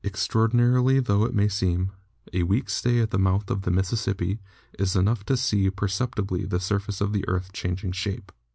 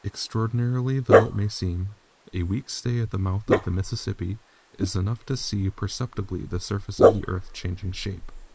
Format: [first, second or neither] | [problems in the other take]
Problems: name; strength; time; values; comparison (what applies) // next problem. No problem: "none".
first | noise reduction (neural mask model Resemble Enhance denoiser)